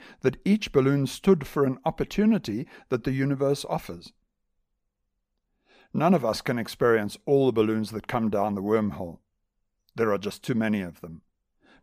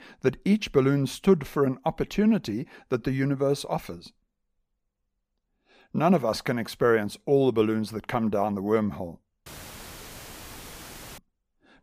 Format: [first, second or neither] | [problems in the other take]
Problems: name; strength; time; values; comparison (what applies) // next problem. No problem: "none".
first | audio cutting out; filled with static; at 9.5 s for 1.5 s